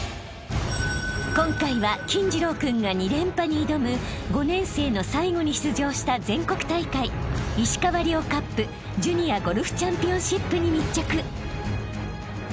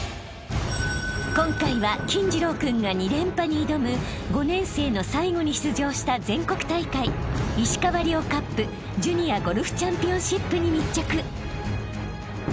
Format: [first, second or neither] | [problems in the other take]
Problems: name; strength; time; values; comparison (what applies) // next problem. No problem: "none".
first | background sound (Thunder); 13 dB below the speech